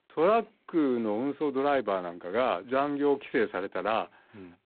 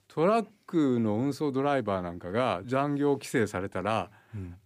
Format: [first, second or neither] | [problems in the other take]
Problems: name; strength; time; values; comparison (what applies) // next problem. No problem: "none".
second | phone-call audio; poor line; nothing above 4 kHz